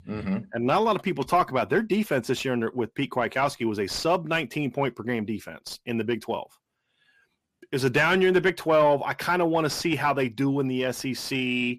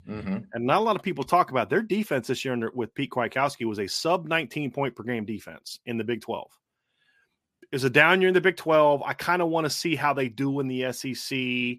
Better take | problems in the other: second | distortion; slight; 10 dB below the speech

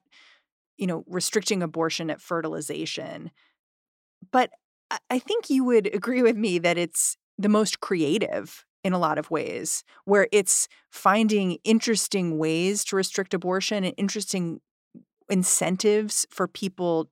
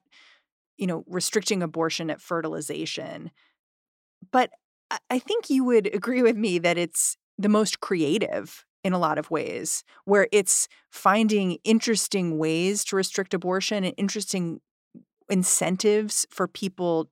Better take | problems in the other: neither | none

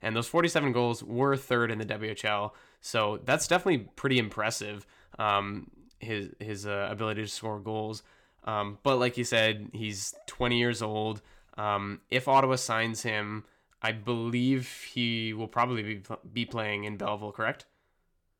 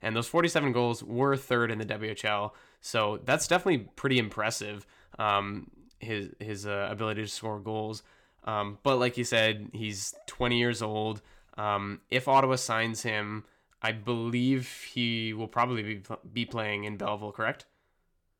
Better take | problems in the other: neither | none

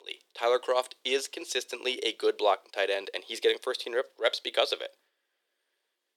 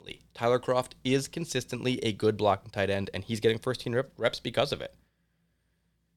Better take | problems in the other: second | thin; very; fading below 350 Hz

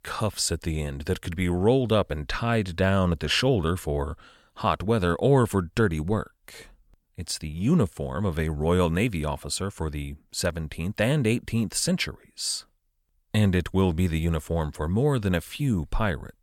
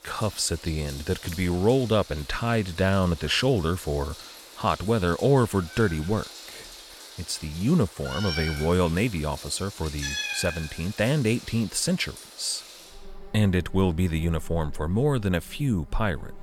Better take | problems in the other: first | animal sounds; noticeable; throughout; 15 dB below the speech

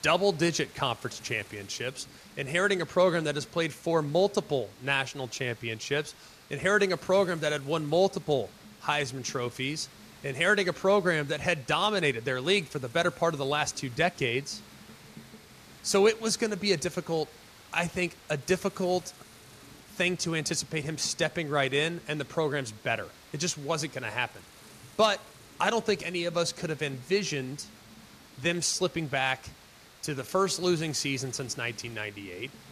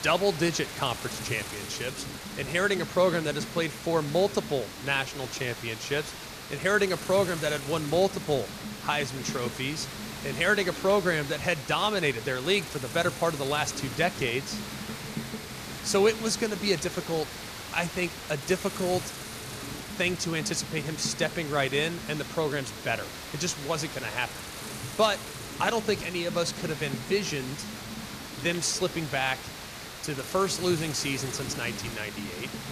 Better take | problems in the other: first | hiss; loud; throughout; 9 dB below the speech; faint in the first

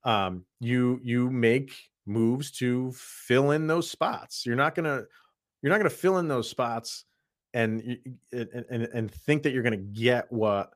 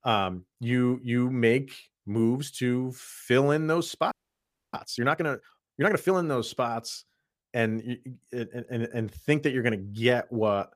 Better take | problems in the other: first | audio freezing; at 4 s for 0.5 s

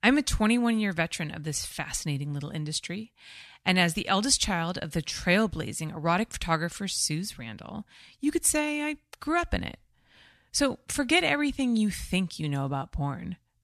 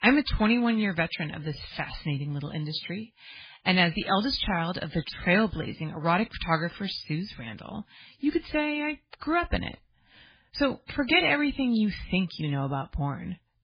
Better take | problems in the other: first | garbled, watery; badly

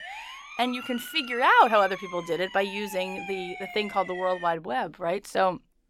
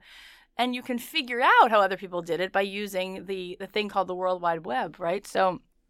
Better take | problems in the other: second | siren; faint; until 4.5 s; peak 10 dB below the speech

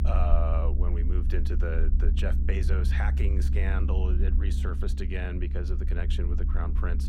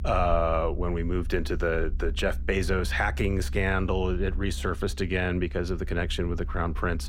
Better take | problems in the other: second | low rumble; loud; throughout; 8 dB below the speech; faint in the second

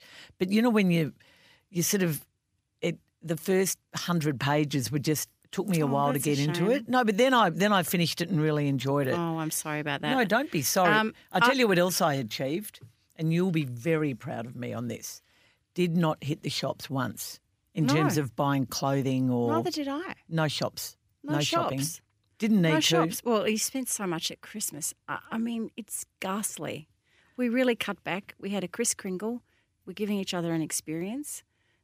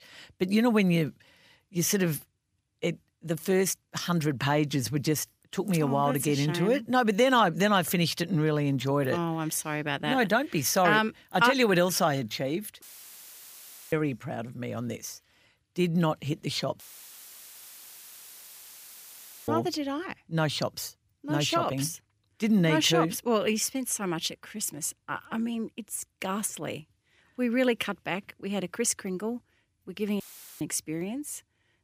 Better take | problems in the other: first | audio cutting out; filled with static; at 13 s for 1 s, at 17 s for 2.5 s and at 30 s

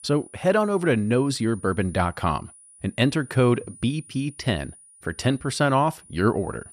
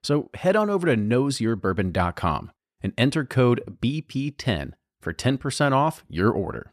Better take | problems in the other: second | high-pitched whine; faint; throughout; 9.5 kHz, 20 dB below the speech

